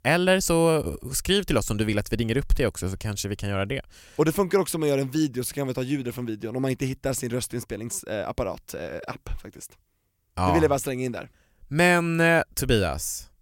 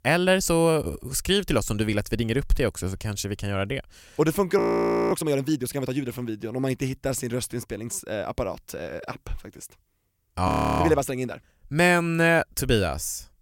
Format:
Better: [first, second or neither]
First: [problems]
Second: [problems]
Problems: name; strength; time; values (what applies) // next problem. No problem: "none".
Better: first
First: none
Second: audio freezing; at 4.5 s for 0.5 s and at 10 s